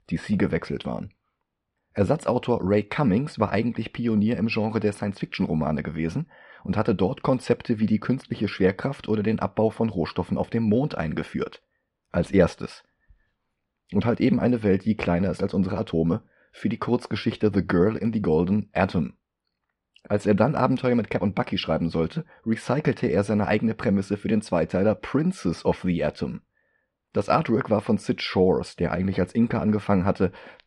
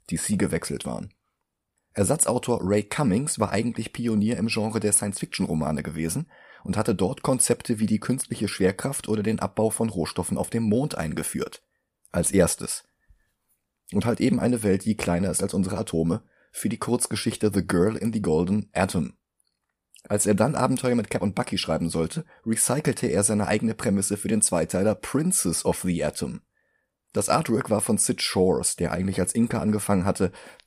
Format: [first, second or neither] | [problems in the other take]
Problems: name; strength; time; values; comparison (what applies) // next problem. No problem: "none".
second | muffled; slightly; fading above 3.5 kHz